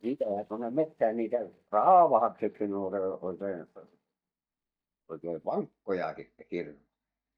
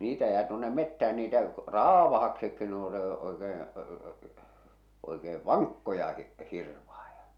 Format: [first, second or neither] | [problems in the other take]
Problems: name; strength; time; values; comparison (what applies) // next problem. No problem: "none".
second | noise reduction (neural mask model DeepFilterNet 3)